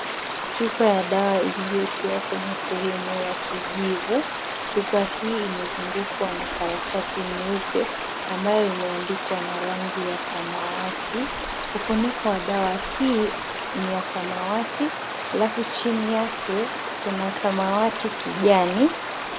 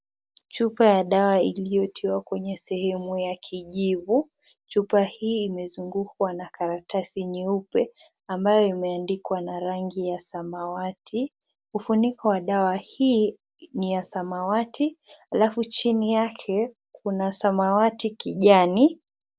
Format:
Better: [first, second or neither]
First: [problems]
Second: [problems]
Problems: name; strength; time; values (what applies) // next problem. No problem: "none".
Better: second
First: background sound (Stream); 4 dB below the speech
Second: none